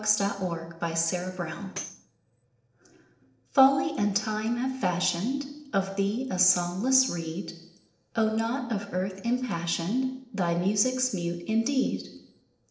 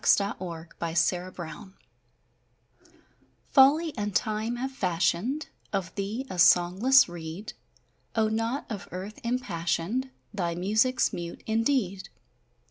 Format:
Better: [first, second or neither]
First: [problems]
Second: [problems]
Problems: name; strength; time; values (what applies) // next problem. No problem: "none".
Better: second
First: noise reduction (neural separator model SepFormer DNS4)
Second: none